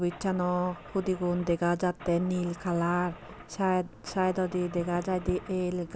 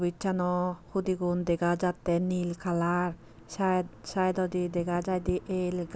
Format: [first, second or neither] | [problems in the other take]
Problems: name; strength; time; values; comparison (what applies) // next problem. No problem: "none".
second | background sound (Engine starting / Car); 19 dB below the speech